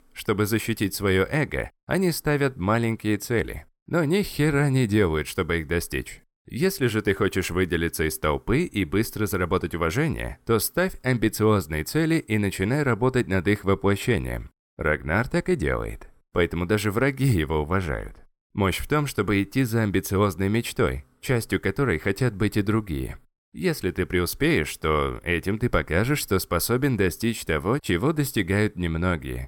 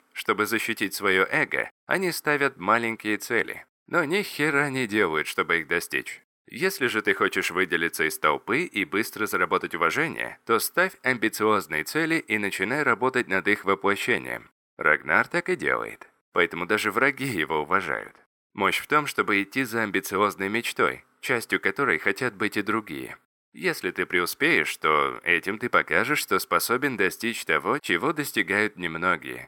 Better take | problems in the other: first | thin; somewhat; fading below 250 Hz

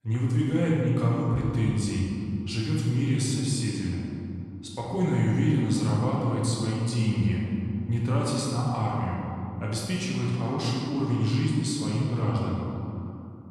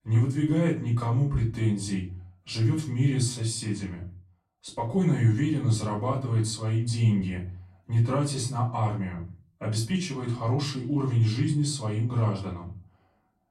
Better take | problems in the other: second | room echo; strong; dies away in 2.6 s; slight in the second // off-mic speech; far; far in the second

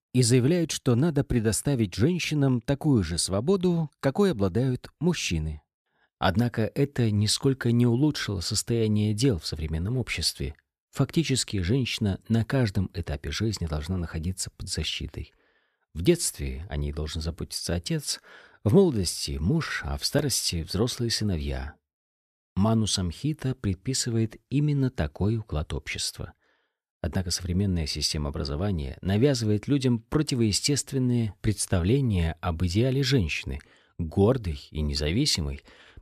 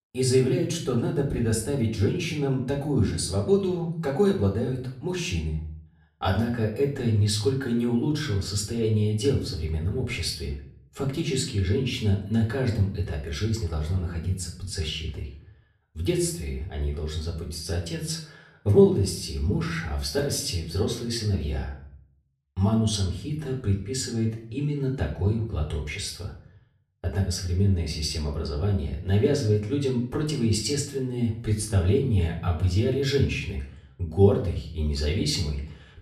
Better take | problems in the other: first | room echo; slight; dies away in 0.5 s // off-mic speech; far

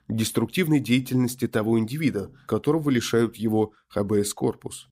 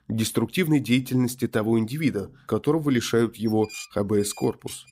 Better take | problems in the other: first | clattering dishes; faint; from 3.5 s on; peak 10 dB below the speech

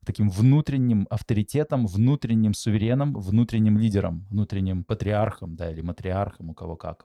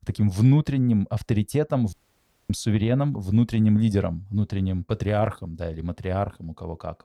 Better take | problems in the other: first | audio cutting out; at 2 s for 0.5 s

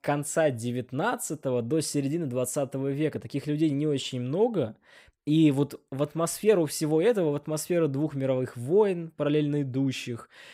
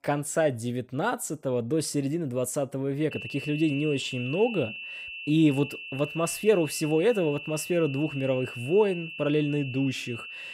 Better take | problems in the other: first | high-pitched whine; loud; from 3 s on; 2.5 kHz, 10 dB below the speech

